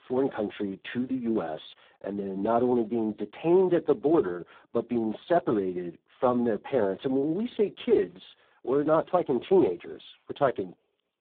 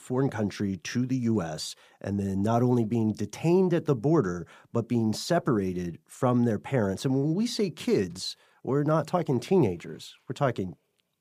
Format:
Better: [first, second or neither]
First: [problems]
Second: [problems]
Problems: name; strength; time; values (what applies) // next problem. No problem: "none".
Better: second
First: phone-call audio; poor line; nothing above 3.5 kHz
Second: none